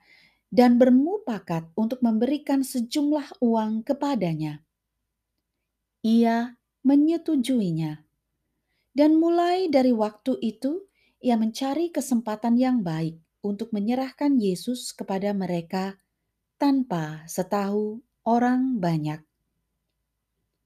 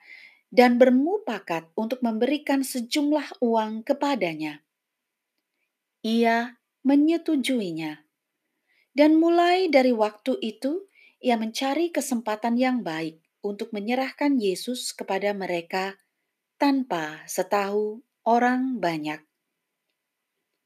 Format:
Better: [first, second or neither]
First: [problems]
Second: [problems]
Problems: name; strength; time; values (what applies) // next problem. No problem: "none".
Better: first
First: none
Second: thin; very slightly; fading below 300 Hz